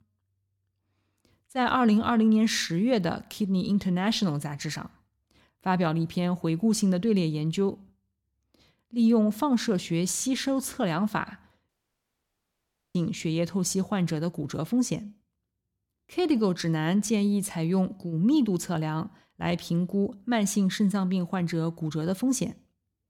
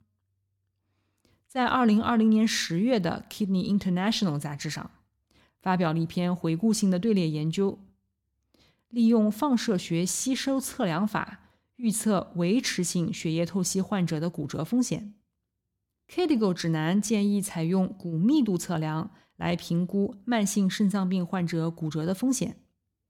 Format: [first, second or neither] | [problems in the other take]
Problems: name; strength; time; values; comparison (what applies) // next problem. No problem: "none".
second | audio cutting out; at 12 s for 1.5 s